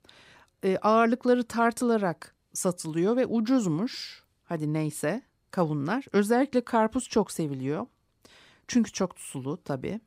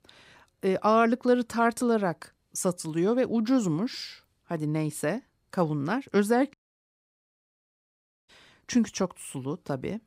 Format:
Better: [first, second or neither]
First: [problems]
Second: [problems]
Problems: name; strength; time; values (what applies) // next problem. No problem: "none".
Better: first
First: none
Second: audio cutting out; at 6.5 s for 1.5 s